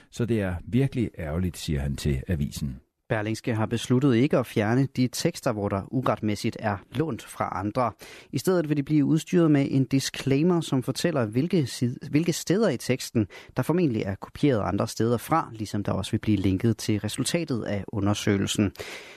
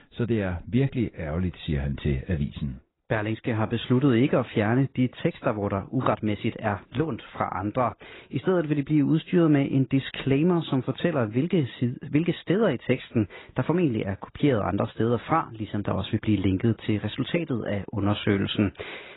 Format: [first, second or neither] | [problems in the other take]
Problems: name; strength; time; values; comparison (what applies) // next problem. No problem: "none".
first | garbled, watery; badly; nothing above 4 kHz